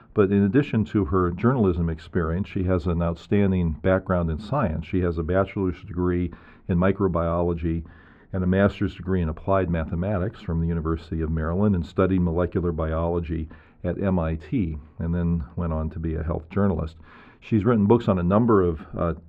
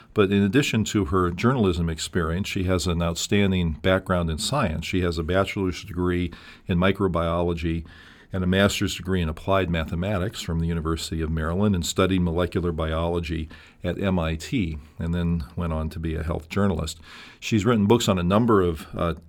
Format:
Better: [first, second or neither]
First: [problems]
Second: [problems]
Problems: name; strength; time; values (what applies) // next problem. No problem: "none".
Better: second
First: muffled; very; fading above 4 kHz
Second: none